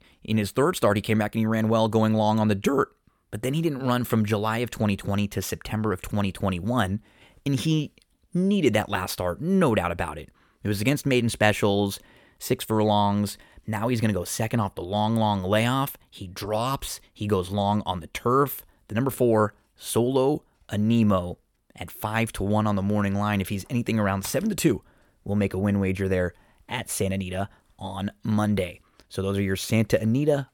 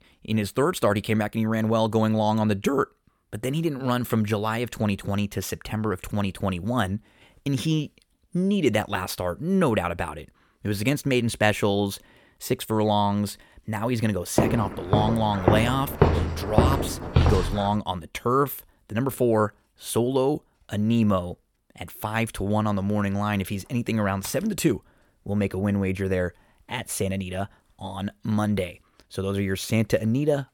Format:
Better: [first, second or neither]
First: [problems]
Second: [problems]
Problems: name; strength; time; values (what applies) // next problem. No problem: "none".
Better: first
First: none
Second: footsteps; loud; from 14 to 18 s; peak 4 dB above the speech